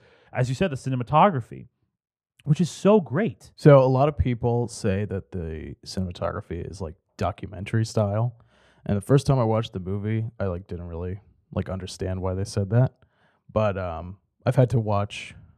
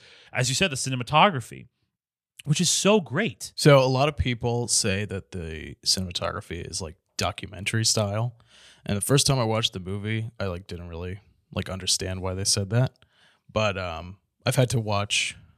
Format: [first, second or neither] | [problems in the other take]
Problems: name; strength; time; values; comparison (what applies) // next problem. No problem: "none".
second | muffled; very; fading above 2 kHz